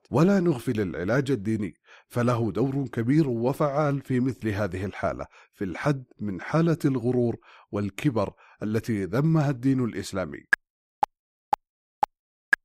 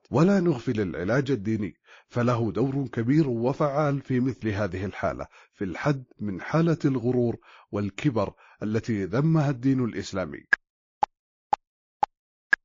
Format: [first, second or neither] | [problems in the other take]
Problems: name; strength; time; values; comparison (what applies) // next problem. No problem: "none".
first | garbled, watery; slightly; nothing above 7 kHz